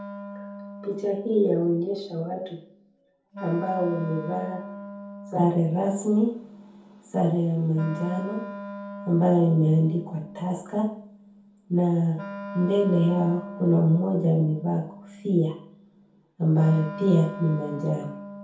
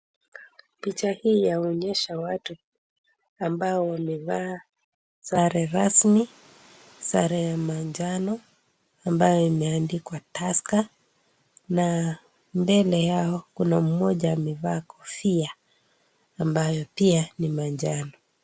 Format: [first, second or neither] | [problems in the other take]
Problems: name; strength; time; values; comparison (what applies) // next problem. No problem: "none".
second | background sound (Wind instrument, woodwind instrument); 14 dB below the speech // room echo; dies away in 0.6 s